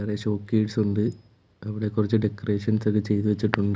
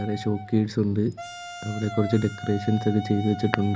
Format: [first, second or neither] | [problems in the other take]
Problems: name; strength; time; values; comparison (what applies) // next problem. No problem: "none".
first | background sound (Wind instrument, woodwind instrument); 13 dB below the speech